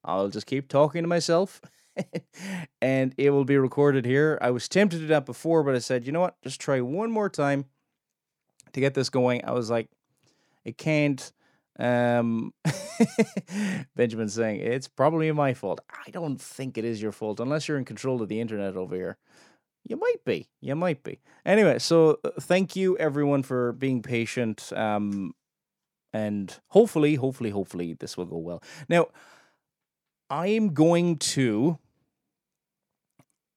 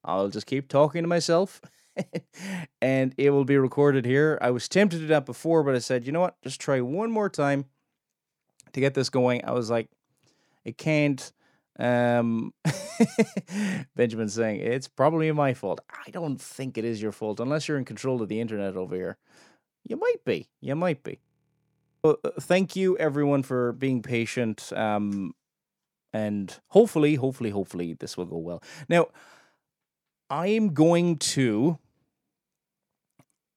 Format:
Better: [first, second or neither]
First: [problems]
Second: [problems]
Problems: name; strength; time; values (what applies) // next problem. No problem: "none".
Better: first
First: none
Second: audio freezing; at 21 s for 1 s